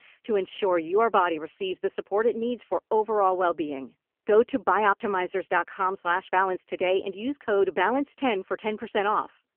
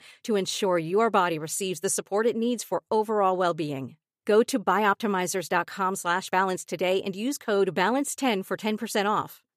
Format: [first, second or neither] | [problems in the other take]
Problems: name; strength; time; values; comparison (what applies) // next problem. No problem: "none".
second | phone-call audio; poor line; nothing above 3 kHz